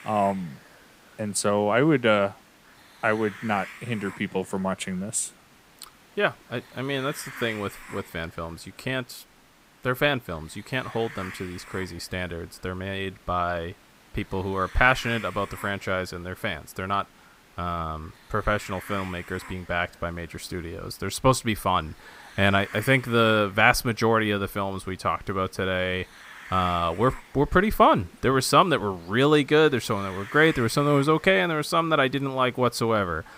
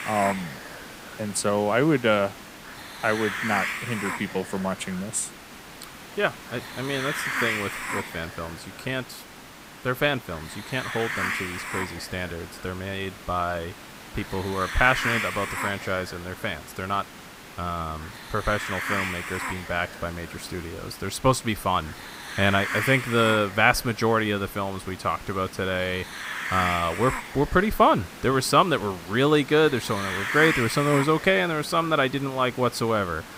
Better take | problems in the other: first | hiss; loud; throughout; 8 dB below the speech; faint in the first

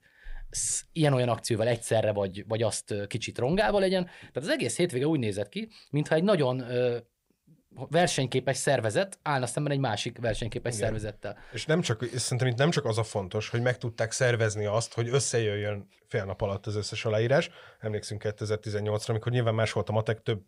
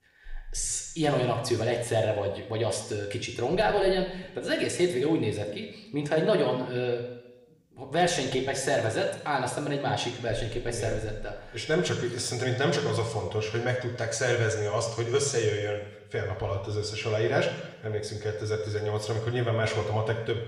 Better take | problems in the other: first | room echo; noticeable; dies away in 0.9 s // off-mic speech; somewhat distant

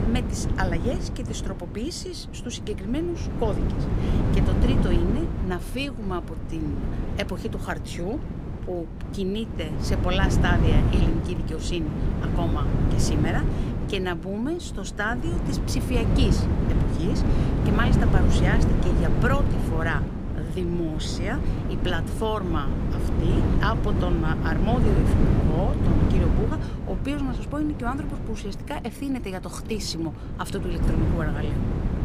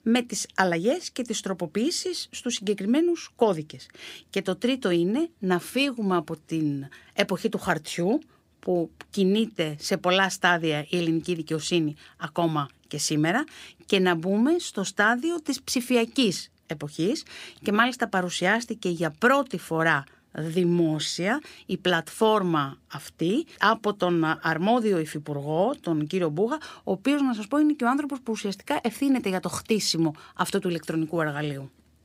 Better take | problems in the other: second | wind noise on the microphone; heavy; 2 dB below the speech

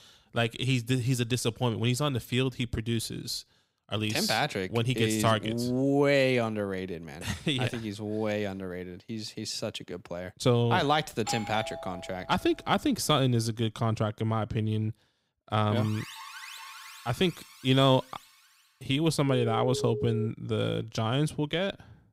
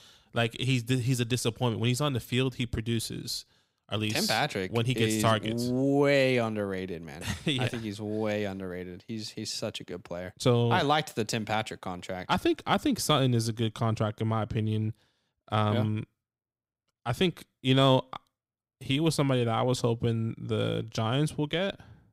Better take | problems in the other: second | doorbell; noticeable; from 11 to 13 s; peak 7 dB below the speech // alarm; faint; from 16 to 18 s; peak 10 dB below the speech // phone ringing; noticeable; from 19 to 20 s; peak 6 dB below the speech

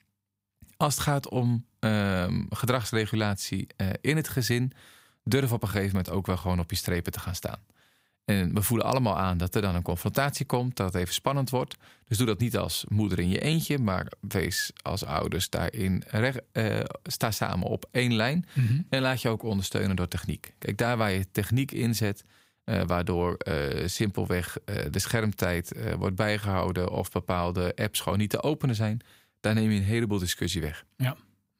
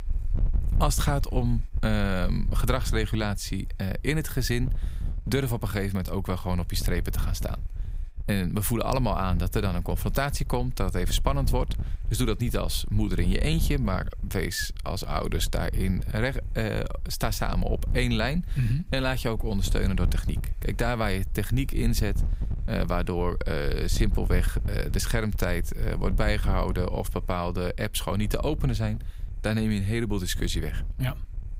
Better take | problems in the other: first | wind noise on the microphone; occasional gusts; 20 dB below the speech

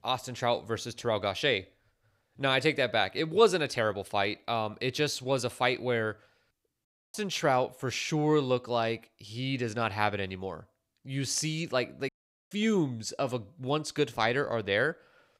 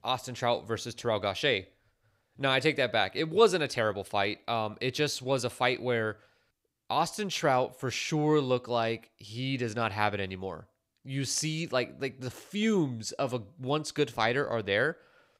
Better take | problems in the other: second | audio cutting out; at 7 s and at 12 s

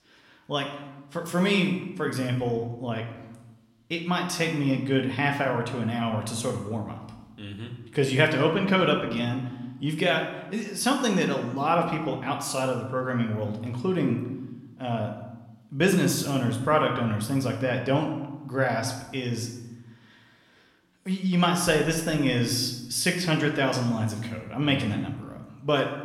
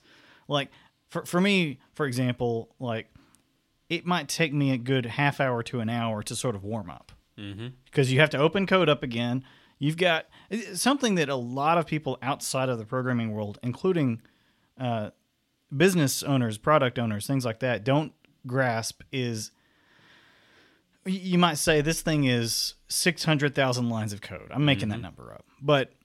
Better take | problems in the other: second | room echo; slight; dies away in 0.9 s

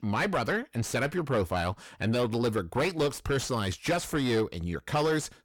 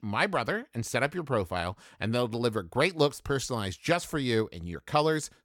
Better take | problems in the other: second | distortion; heavy; 6 dB below the speech

